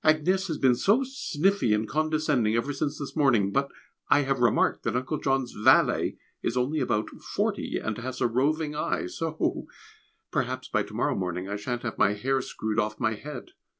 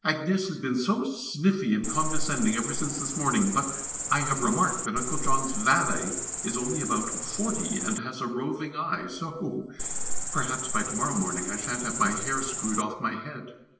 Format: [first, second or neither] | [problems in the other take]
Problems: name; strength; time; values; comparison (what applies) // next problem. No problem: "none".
first | background sound (Cricket); 1 dB below the speech // room echo; dies away in 0.9 s